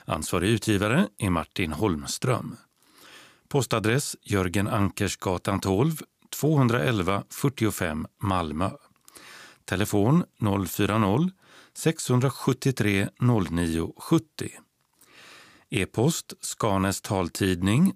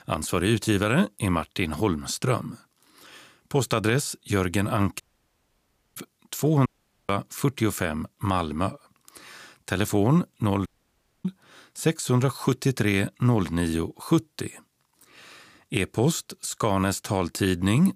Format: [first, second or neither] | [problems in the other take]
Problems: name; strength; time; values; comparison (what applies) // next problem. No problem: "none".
first | audio cutting out; at 5 s for 1 s, at 6.5 s and at 11 s for 0.5 s